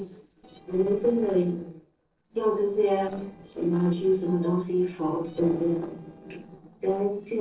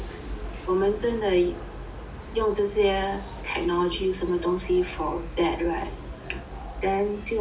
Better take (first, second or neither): second